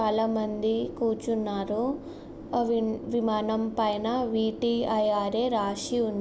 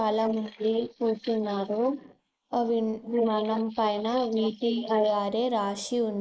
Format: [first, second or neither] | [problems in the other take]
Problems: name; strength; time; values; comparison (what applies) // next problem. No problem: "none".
first | noise reduction (neural mask model Resemble Enhance denoiser)